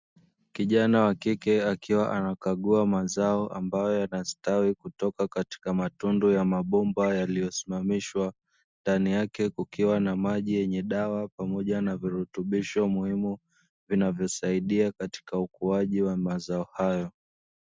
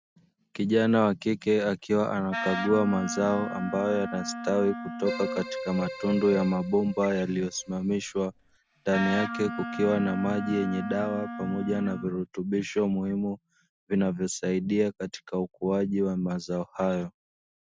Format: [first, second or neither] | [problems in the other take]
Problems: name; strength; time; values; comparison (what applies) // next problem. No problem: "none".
first | background sound (Keyboard (musical) + Wind instrument, woodwind instrument); 8 dB below the speech